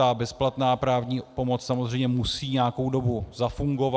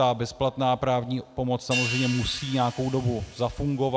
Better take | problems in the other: first | background sound (Hi-hat); 12 dB below the speech

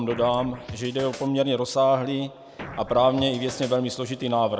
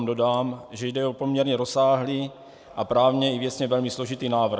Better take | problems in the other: second | background sound (Scratching (performance technique)); 15 dB below the speech

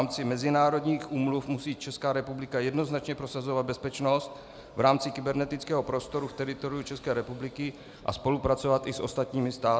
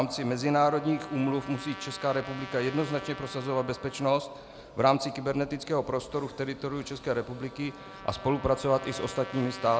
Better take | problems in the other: first | background sound (Trumpet); 17 dB below the speech

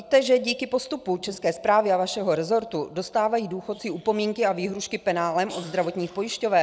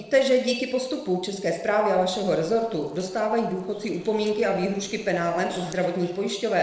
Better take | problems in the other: first | noise reduction (neural separator model SepFormer DNS4)

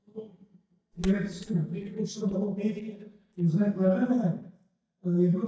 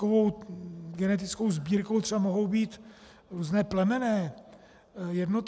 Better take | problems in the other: second | noise reduction (neural mask model DeepFilterNet 3)

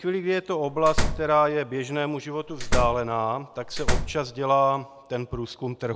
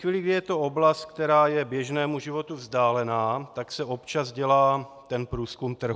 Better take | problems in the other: second | background sound (Slam); 1 dB below the speech

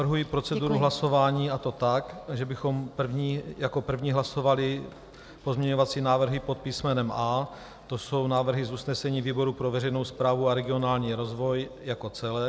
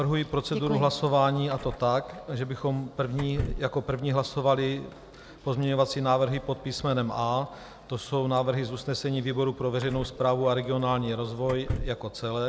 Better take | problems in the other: first | background sound (Door / Car); 11 dB below the speech

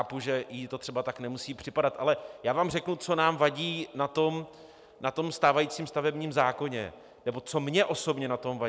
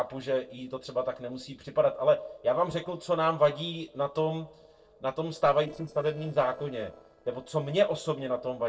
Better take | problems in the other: first | noise reduction (neural separator model SepFormer DNS4)

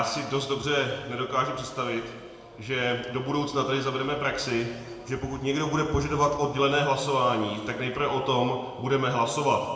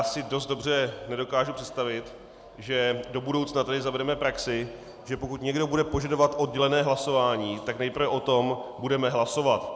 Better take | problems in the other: second | room echo; dies away in 1.5 s

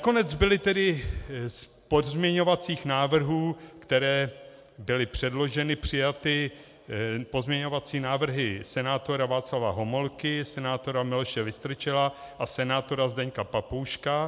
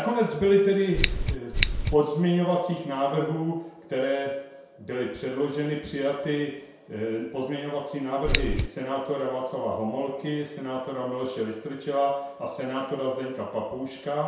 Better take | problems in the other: first | background sound (Scissors); 3 dB above the speech // room echo; dies away in 0.7 s

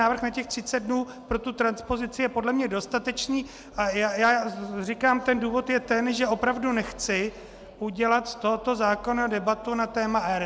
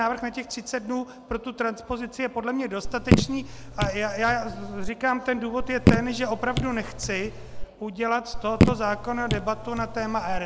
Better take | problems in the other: first | background sound (Raindrop / Drip); 2 dB above the speech

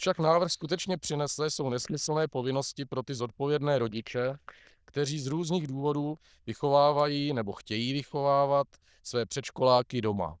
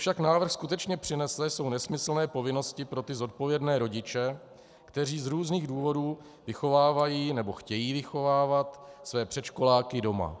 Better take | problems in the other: second | noise reduction (neural diffusion model UNIVERSE++)

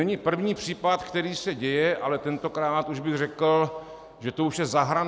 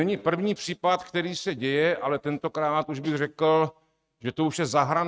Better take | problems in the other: first | noise reduction (neural mask model RNNoise)

